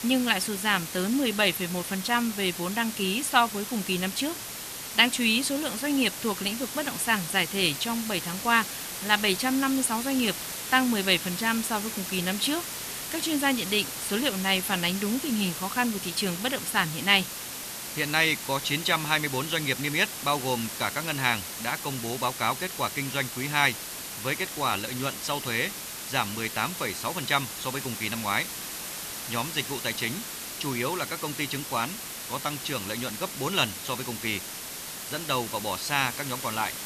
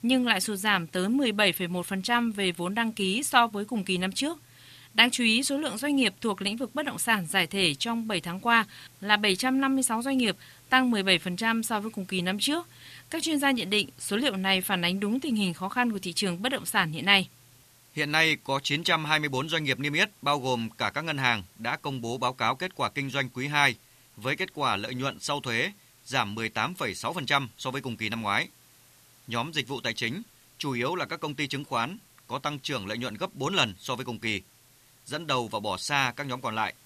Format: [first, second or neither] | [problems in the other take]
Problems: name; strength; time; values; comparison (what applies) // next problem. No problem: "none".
second | hiss; loud; throughout; 7 dB below the speech; faint in the second